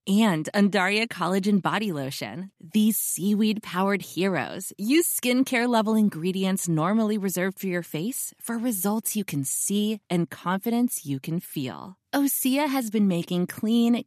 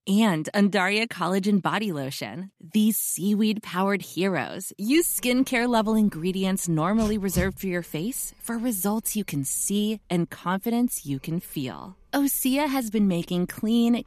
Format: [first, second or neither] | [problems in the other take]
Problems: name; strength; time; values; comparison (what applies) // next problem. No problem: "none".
first | dog barking; noticeable; at 7 s; peak 8 dB below the speech